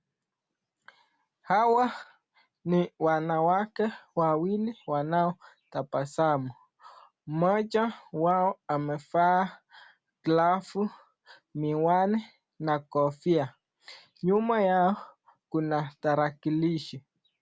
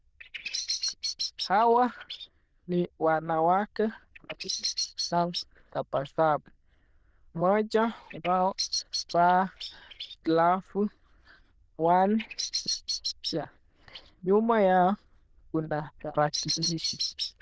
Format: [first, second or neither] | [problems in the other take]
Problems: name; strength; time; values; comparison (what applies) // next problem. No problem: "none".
first | noise reduction (neural diffusion model UNIVERSE++)